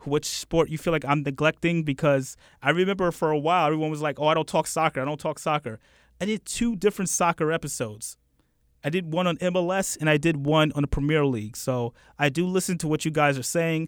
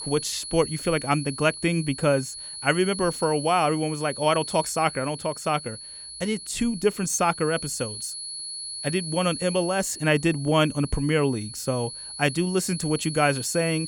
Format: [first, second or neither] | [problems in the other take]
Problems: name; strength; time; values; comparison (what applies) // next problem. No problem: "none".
first | high-pitched whine; loud; throughout; 4.5 kHz, 9 dB below the speech